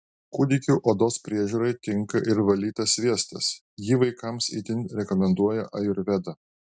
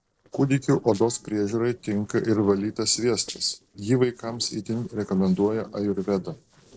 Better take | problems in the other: first | noise reduction (neural separator model SepFormer DNS4)

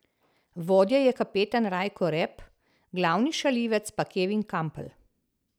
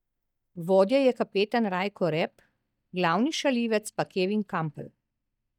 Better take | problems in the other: first | noise reduction (neural mask model DeepFilterNet 3)

